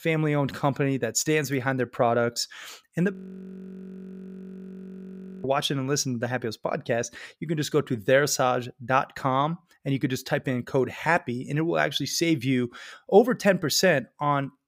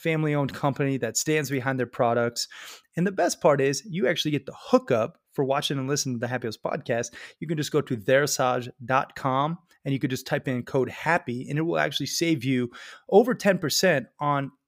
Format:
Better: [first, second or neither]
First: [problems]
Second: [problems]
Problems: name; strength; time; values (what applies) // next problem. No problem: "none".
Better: second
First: audio freezing; at 3 s for 2.5 s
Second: none